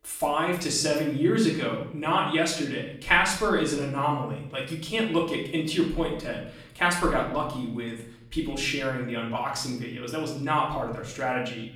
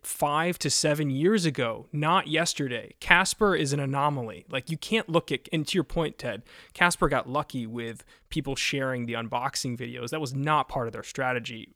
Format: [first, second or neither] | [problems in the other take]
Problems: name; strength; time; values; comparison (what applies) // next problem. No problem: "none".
second | off-mic speech; far // room echo; noticeable; dies away in 0.6 s